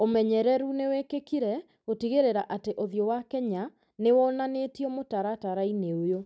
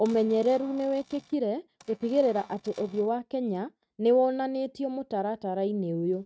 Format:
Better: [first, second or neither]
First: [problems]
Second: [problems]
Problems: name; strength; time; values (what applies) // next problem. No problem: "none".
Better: first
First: none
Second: noise reduction (neural mask model RNNoise)